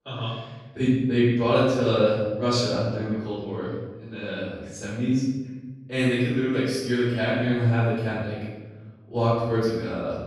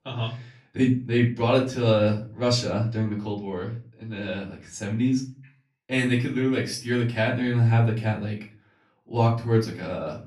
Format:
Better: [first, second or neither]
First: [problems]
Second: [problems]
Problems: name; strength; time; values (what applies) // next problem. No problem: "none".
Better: second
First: room echo; strong; dies away in 1.1 s // off-mic speech; far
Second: room echo; slight; dies away in 0.3 s // off-mic speech; far